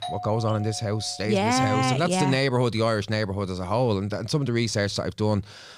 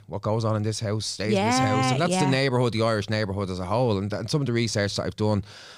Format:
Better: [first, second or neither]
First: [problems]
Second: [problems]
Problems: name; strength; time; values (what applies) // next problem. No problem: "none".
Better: second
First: doorbell; noticeable; until 1.5 s; peak 9 dB below the speech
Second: none